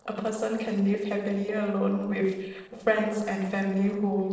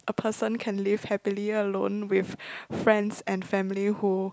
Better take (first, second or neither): second